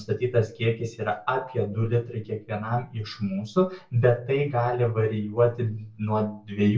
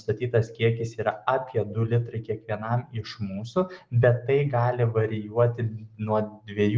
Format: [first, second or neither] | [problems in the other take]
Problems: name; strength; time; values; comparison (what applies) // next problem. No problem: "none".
second | room echo; dies away in 0.2 s